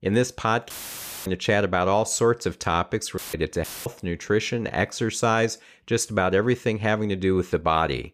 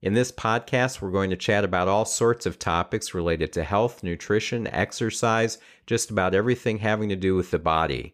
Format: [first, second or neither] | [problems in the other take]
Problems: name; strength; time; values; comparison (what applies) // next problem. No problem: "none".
second | audio cutting out; filled with static; at 0.5 s for 0.5 s, at 3 s and at 3.5 s